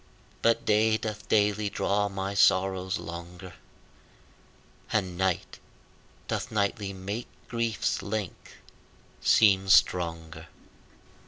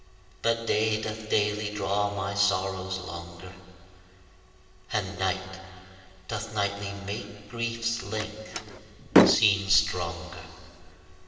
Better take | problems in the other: first | background sound (Slam); 4 dB above the speech // room echo; dies away in 2.7 s

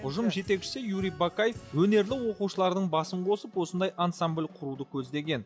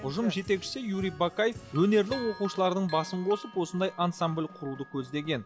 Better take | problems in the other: first | background sound (Bell); 18 dB below the speech

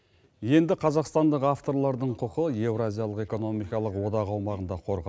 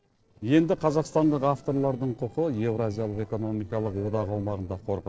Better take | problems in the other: first | noise reduction (neural separator model SepFormer DNS4)

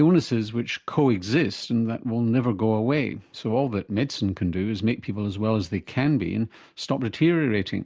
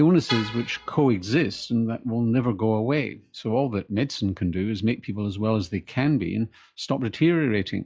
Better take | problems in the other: first | noise reduction (classical method log-MMSE)

